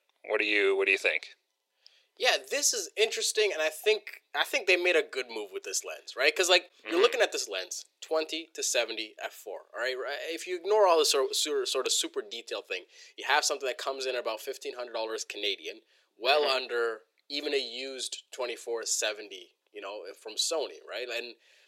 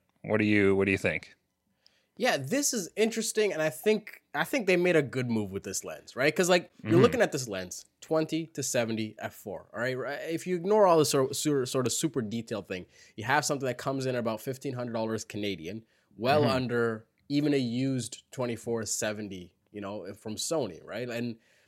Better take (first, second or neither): second